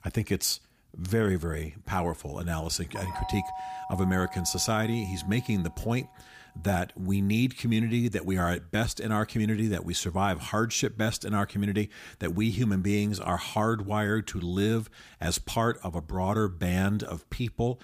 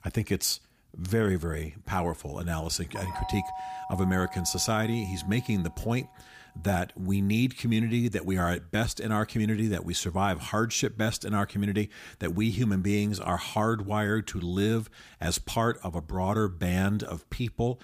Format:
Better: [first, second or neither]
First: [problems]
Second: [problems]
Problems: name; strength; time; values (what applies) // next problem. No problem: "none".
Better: neither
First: doorbell; noticeable; from 3 to 6 s; peak 7 dB below the speech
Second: doorbell; noticeable; from 3 to 6 s; peak 7 dB below the speech